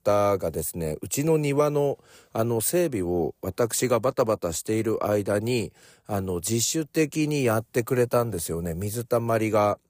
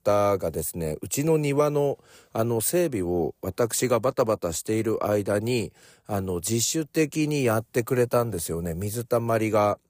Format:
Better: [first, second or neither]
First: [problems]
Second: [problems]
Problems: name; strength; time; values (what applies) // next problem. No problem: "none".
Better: neither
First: none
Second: none